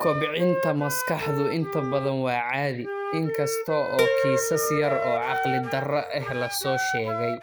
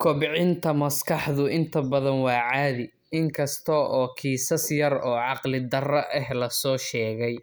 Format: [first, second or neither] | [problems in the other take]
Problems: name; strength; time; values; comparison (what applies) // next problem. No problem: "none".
second | background sound (Wind instrument, woodwind instrument + Harp); 2 dB below the speech